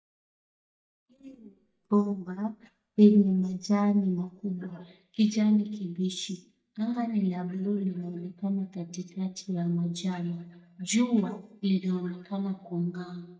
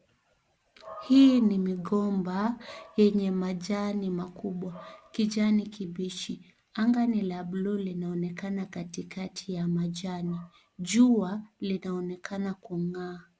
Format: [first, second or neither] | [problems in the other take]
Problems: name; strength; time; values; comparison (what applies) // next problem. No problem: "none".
second | noise reduction (neural mask model DeepFilterNet 3)